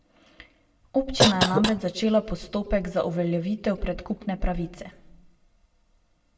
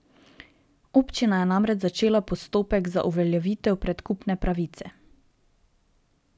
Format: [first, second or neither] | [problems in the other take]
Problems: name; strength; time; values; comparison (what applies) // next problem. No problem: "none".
second | background sound (Cough); 1 dB above the speech // room echo; dies away in 0.6 s